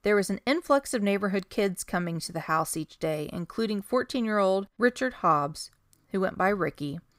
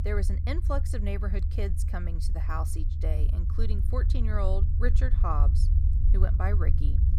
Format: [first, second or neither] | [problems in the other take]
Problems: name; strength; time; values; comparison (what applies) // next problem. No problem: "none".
first | low rumble; loud; throughout; 8 dB below the speech